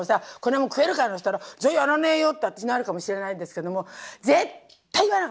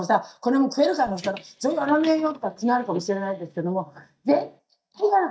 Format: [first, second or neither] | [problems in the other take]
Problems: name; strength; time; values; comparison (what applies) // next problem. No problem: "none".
first | noise reduction (neural mask model DeepFilterNet 3)